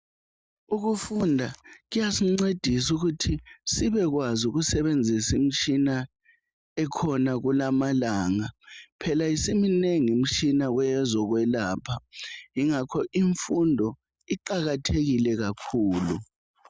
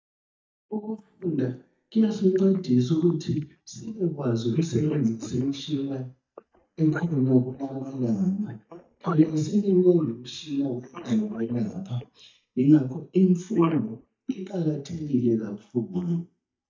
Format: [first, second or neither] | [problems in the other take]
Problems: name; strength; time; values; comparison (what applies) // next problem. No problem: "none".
first | noise reduction (neural mask model DeepFilterNet 3)